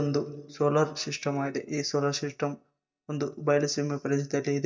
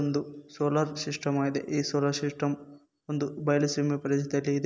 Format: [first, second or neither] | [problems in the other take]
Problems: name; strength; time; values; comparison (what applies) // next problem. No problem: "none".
second | noise reduction (neural mask model DeepFilterNet 3)